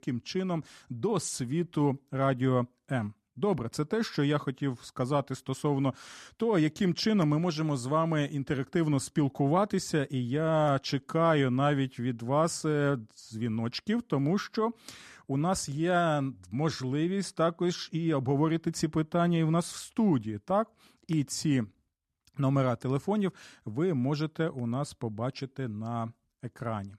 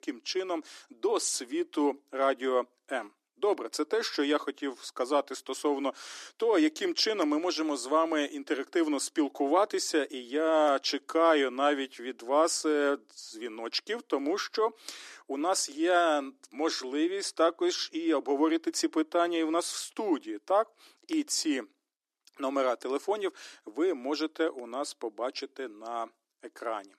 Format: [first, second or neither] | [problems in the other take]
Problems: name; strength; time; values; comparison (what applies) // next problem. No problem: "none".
first | thin; somewhat; fading below 300 Hz